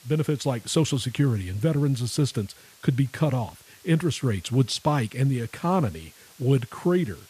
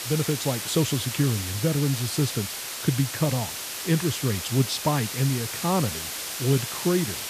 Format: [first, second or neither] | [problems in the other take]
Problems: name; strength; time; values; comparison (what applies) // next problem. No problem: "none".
first | hiss; loud; throughout; 4 dB below the speech; faint in the first